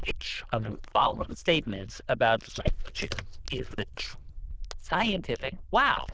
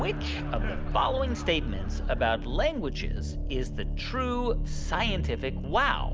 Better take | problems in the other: second | noise reduction (neural diffusion model UNIVERSE++)

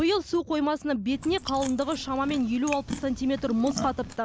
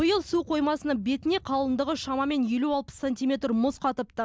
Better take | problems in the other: second | background sound (Chewing, mastication); 10 dB below the speech

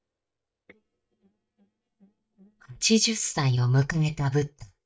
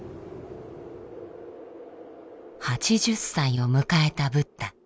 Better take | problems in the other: second | noise reduction (neural mask model DeepFilterNet 3)

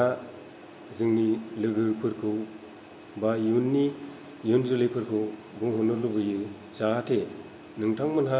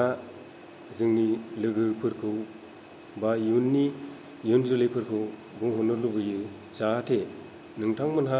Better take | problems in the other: second | room echo; dies away in 0.7 s

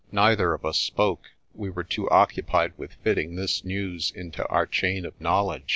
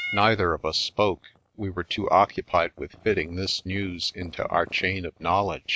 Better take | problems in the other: first | noise reduction (neural mask model RNNoise)

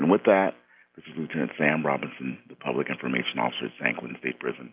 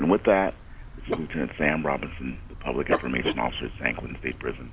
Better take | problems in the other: first | background sound (Dog); 7 dB below the speech

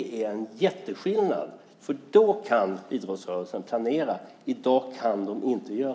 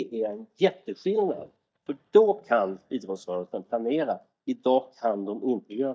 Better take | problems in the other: first | noise reduction (neural mask model DeepFilterNet 3)

